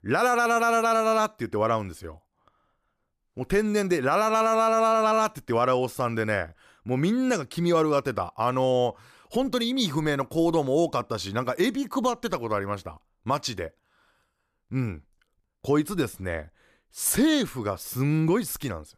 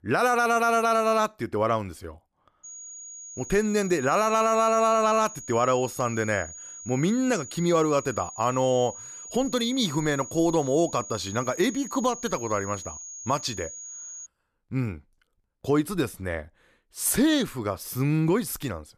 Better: first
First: none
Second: high-pitched whine; noticeable; from 2.5 to 14 s; 6.5 kHz, 15 dB below the speech

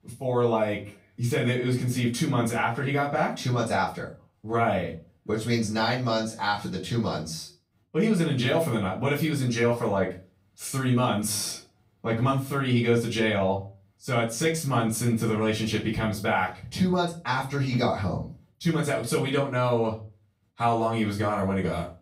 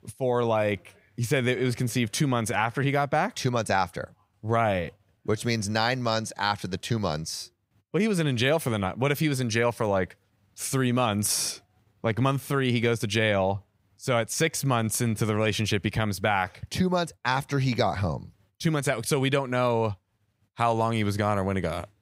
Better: second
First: off-mic speech; far // room echo; slight; dies away in 0.3 s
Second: none

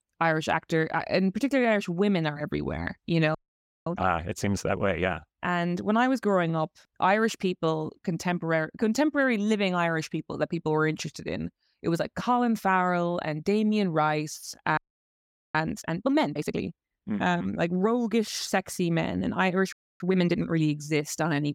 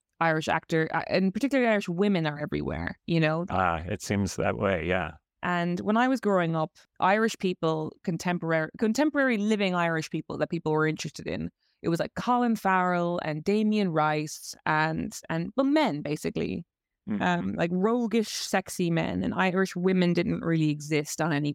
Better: second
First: audio freezing; at 3.5 s for 0.5 s, at 15 s for 1 s and at 20 s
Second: none

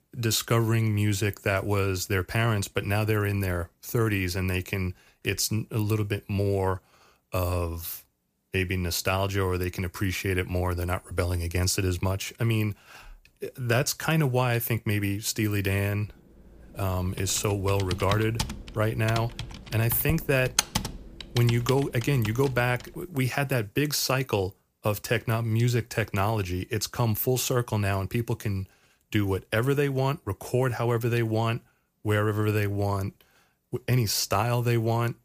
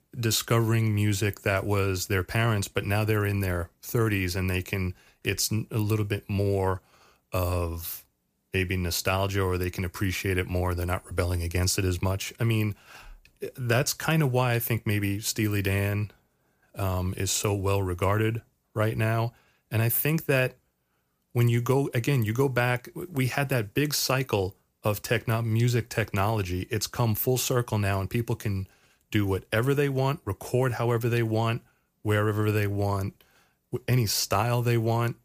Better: second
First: keyboard typing; loud; from 17 to 22 s; peak 1 dB above the speech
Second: none

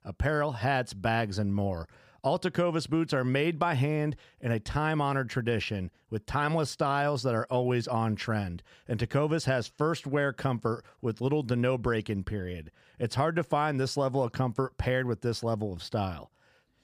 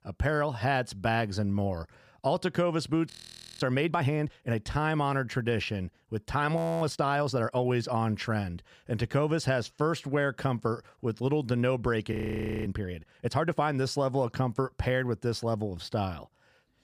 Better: first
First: none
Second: audio freezing; at 3 s for 0.5 s, at 6.5 s and at 12 s for 0.5 s

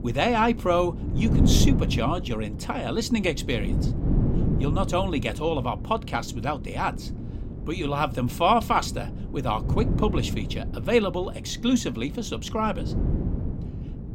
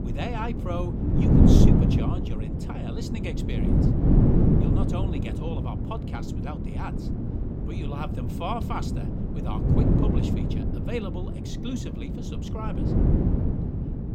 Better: first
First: wind noise on the microphone; occasional gusts; 10 dB below the speech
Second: wind noise on the microphone; heavy; 4 dB above the speech

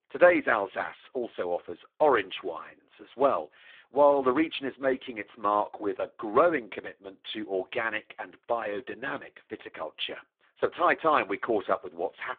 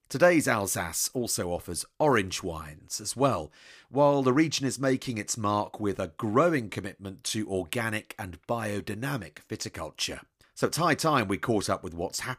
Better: second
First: phone-call audio; poor line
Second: none

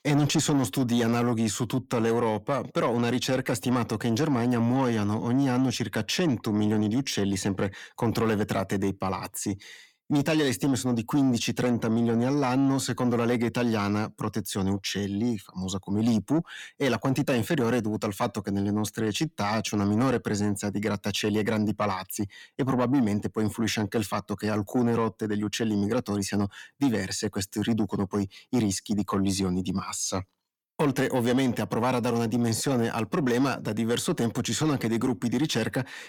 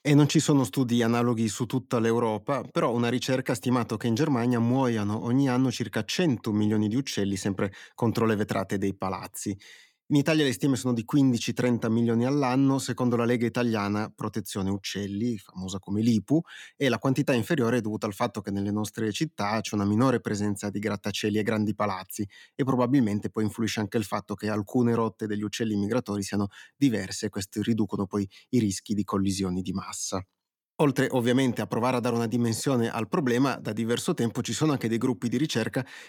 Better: second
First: distortion; slight; 10 dB below the speech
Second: none

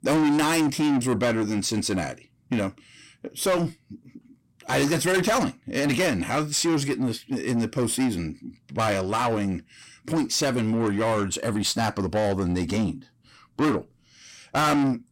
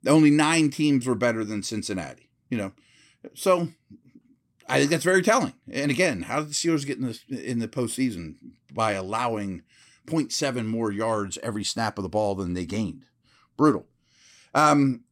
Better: second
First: distortion; heavy; 6 dB below the speech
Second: none

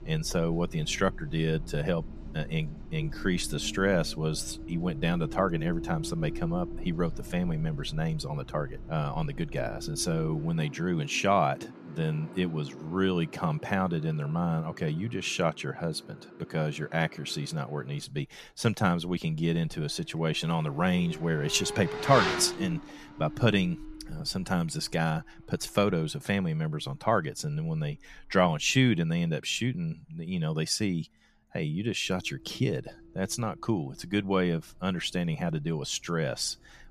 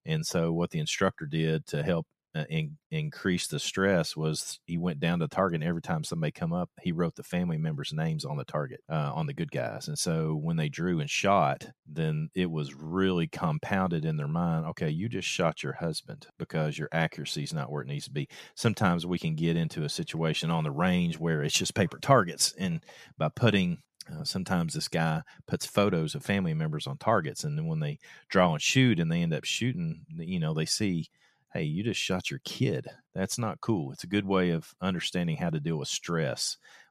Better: second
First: traffic noise; noticeable; throughout; 10 dB below the speech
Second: none

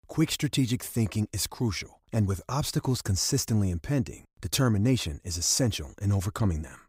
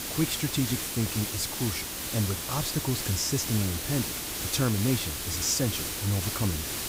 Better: first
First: none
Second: hiss; loud; throughout; 1 dB below the speech

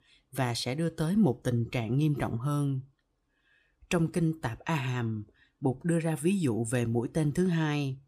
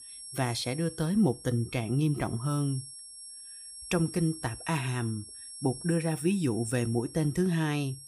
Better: first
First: none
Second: high-pitched whine; noticeable; throughout; 11 kHz, 15 dB below the speech

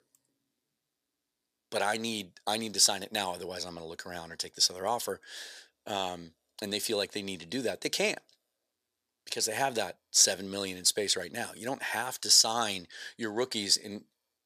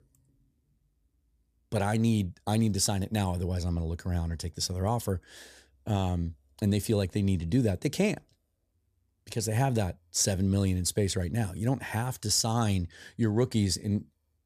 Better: second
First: thin; very; fading below 450 Hz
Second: none

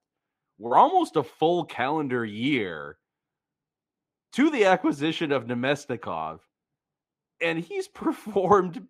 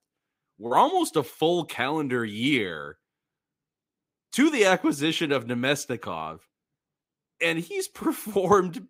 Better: second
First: muffled; slightly; fading above 2.5 kHz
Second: none

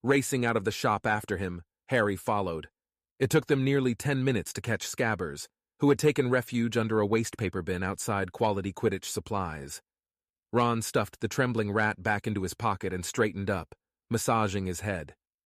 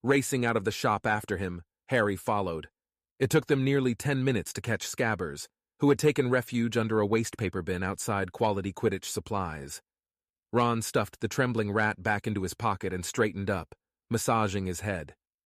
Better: neither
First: none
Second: none

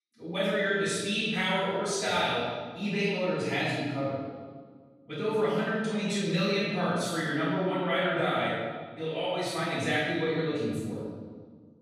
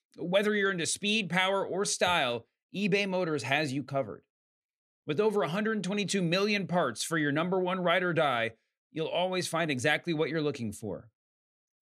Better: second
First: off-mic speech; far // room echo; strong; dies away in 1.4 s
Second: none

